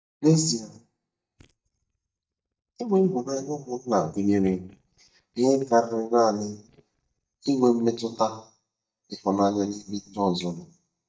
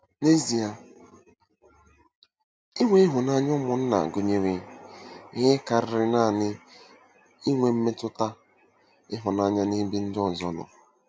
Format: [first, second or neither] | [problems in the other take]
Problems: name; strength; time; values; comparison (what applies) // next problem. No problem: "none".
second | noise reduction (neural mask model DeepFilterNet 3)